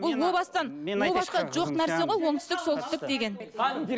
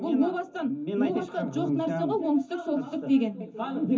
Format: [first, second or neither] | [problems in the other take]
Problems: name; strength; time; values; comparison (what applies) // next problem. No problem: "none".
first | room echo; dies away in 0.3 s